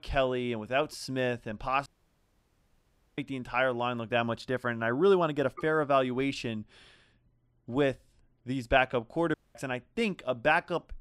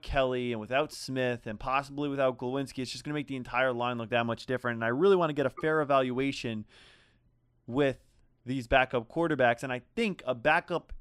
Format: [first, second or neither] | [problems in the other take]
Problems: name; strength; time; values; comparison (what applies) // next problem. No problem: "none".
second | audio cutting out; at 2 s for 1.5 s and at 9.5 s